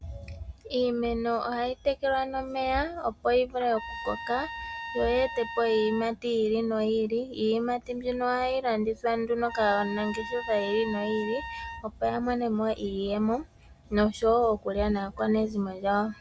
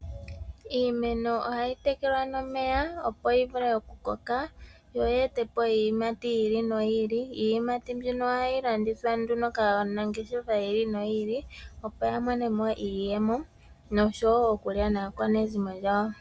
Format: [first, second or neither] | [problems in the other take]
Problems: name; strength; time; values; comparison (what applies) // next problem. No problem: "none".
second | background sound (Trumpet); 11 dB below the speech